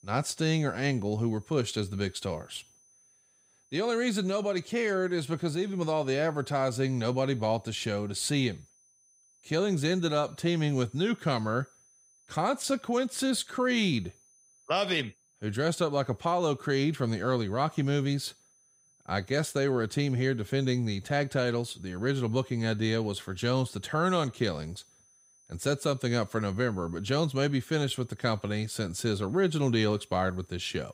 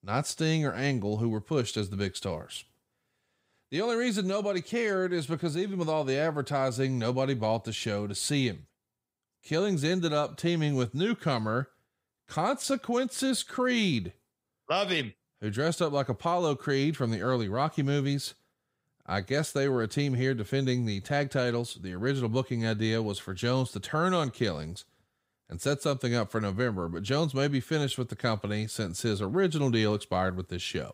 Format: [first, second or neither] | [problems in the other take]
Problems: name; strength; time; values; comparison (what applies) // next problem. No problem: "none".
second | high-pitched whine; faint; throughout; 6 kHz, 30 dB below the speech